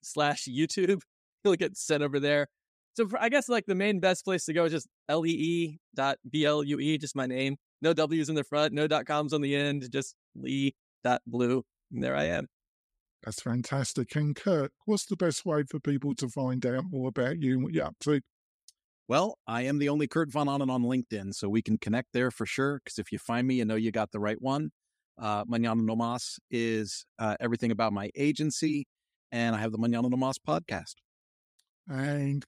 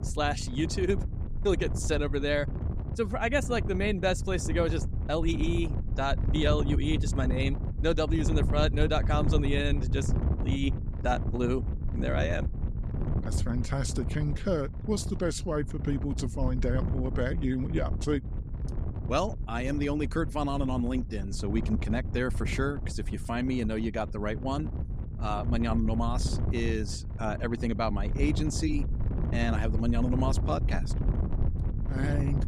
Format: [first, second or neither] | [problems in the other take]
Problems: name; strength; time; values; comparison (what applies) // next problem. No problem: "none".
first | wind noise on the microphone; occasional gusts; 10 dB below the speech